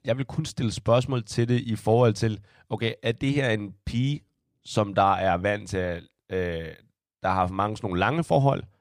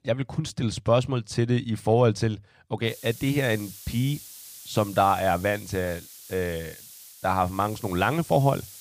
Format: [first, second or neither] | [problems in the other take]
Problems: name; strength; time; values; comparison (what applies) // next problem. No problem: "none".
first | hiss; noticeable; from 3 s on; 15 dB below the speech